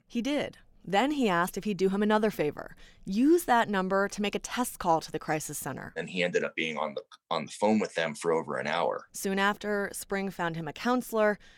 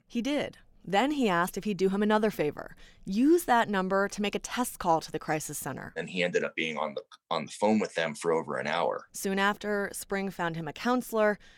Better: neither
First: none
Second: none

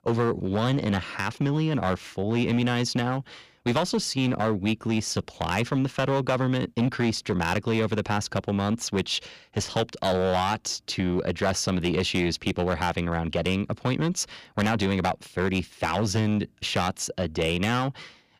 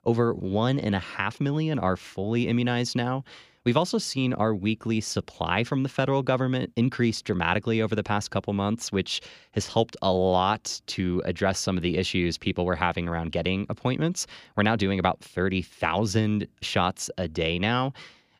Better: second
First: distortion; slight; 7% of the sound clipped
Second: none

